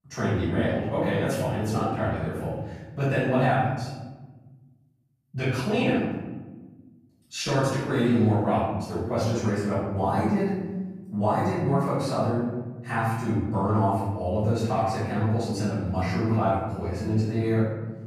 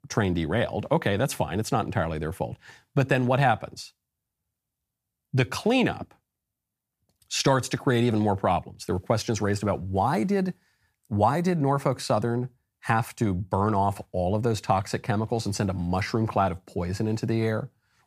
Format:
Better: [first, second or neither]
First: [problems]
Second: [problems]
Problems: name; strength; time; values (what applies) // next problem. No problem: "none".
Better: second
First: off-mic speech; far // room echo; strong; dies away in 1.3 s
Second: none